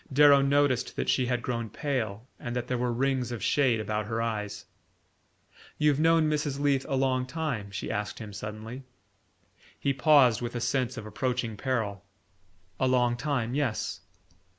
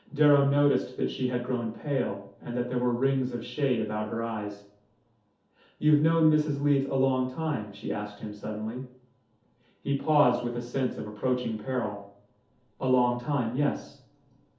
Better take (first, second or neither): first